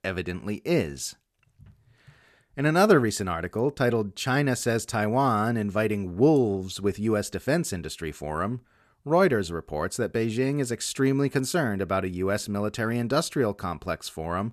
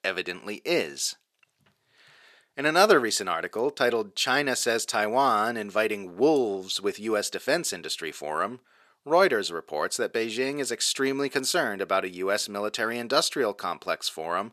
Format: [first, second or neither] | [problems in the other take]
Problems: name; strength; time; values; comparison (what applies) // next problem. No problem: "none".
first | thin; somewhat; fading below 400 Hz